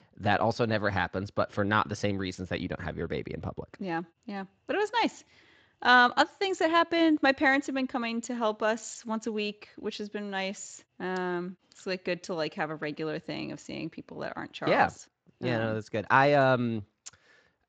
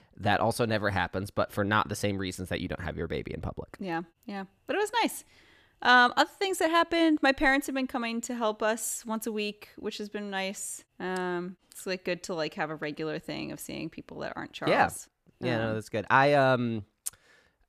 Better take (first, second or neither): second